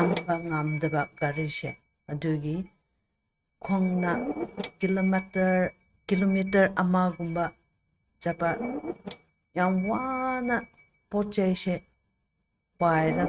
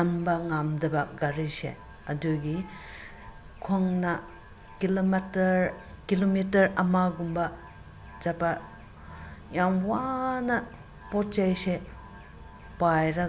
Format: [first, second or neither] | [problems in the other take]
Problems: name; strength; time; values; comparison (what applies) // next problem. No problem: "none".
second | noise reduction (neural mask model RNNoise)